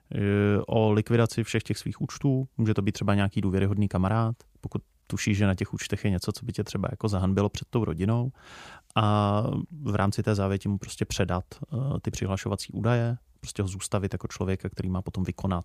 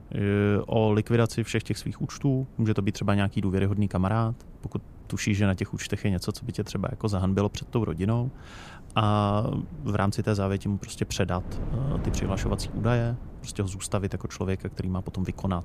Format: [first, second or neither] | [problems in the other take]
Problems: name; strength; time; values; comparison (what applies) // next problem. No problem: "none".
first | wind noise on the microphone; occasional gusts; 20 dB below the speech